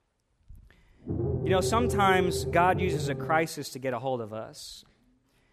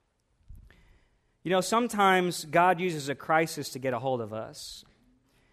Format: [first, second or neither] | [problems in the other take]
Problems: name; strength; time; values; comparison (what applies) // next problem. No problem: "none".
second | low rumble; loud; from 1 to 3.5 s; 8 dB below the speech